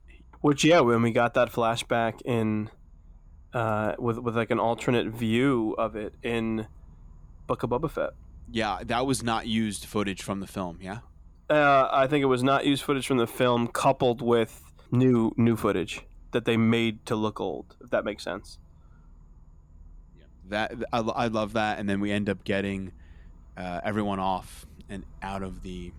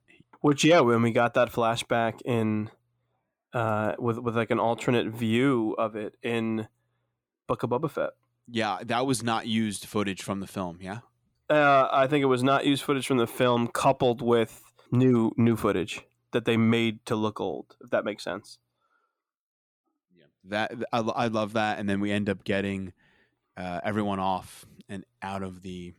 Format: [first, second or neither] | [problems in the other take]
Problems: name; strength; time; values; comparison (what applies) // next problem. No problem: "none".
second | animal sounds; faint; throughout; 25 dB below the speech